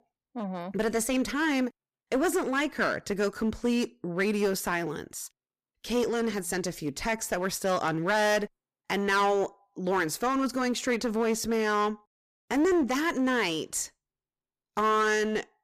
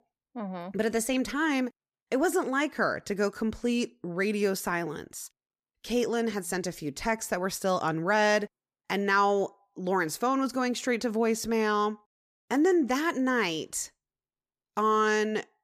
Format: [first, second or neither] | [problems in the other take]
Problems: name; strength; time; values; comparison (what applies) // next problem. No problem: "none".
second | distortion; slight; 8% of the sound clipped